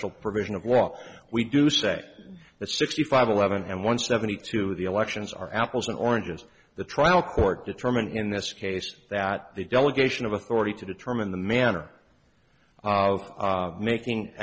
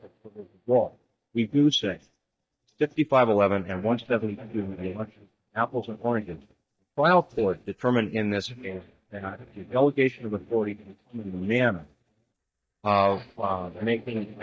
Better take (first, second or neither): first